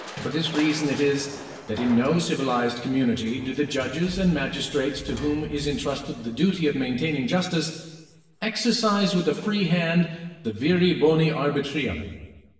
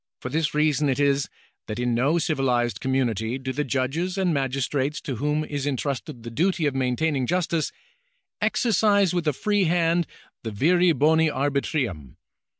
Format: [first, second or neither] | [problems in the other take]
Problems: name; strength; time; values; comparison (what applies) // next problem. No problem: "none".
second | background sound (Crushing); 17 dB below the speech // room echo; dies away in 1.2 s